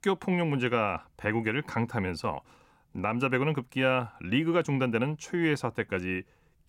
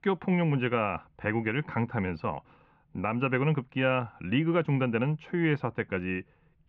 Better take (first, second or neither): first